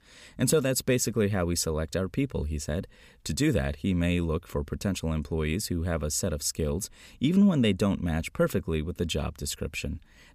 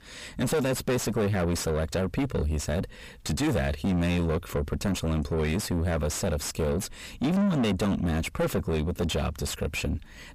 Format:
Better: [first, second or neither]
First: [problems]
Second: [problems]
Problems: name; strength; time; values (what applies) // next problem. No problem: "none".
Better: first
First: none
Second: distortion; heavy; 4 dB below the speech